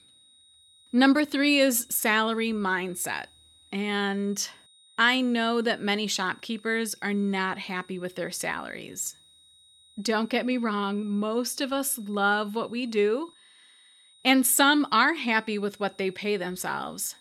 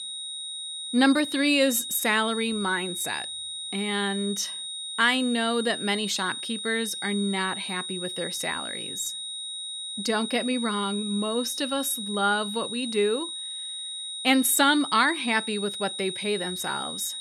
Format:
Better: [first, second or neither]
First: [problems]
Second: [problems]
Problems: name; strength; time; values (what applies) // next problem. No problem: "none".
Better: first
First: high-pitched whine; faint; throughout; 4 kHz, 30 dB below the speech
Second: high-pitched whine; loud; throughout; 4 kHz, 6 dB below the speech